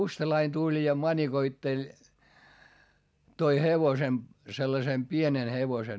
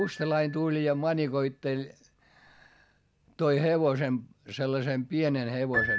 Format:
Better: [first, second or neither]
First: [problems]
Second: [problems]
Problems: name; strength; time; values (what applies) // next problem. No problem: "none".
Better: first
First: none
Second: background sound (Piano); 11 dB below the speech